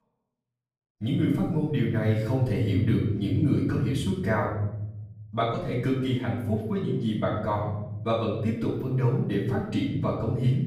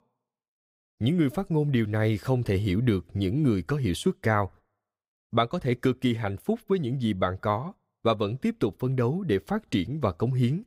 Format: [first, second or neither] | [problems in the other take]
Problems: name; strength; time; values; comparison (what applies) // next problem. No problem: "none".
second | off-mic speech; far // room echo; noticeable; dies away in 1.2 s